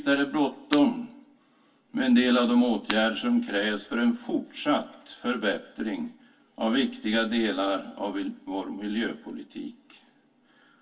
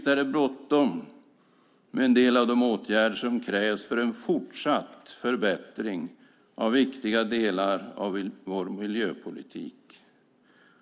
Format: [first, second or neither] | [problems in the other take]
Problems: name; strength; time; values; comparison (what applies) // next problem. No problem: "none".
second | background sound (Shatter); 15 dB below the speech // room echo; dies away in 0.2 s